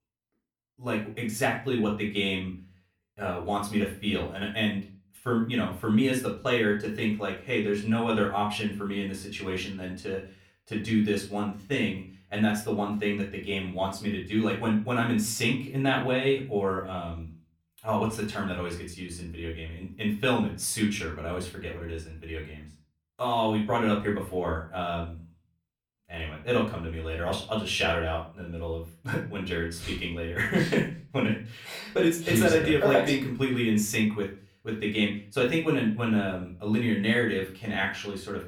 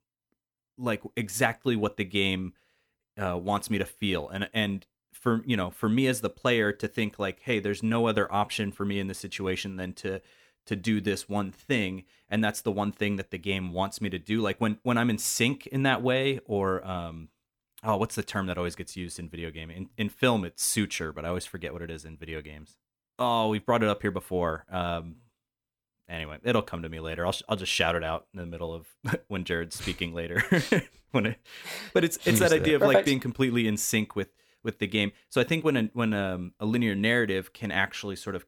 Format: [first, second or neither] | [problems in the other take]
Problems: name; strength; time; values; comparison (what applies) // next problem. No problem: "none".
second | room echo; slight; dies away in 0.3 s // off-mic speech; far